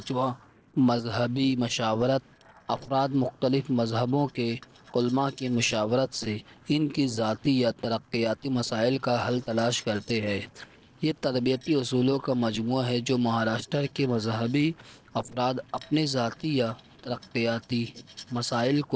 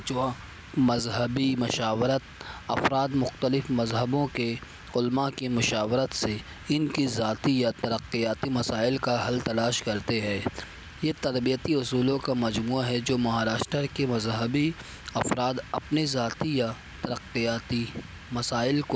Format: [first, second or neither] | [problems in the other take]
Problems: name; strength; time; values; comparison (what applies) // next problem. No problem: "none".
second | noise reduction (neural separator model SepFormer DNS4)